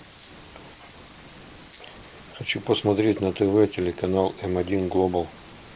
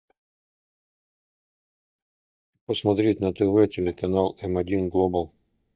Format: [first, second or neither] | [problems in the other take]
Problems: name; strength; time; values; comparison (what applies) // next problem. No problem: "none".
first | noise reduction (neural mask model DeepFilterNet 3)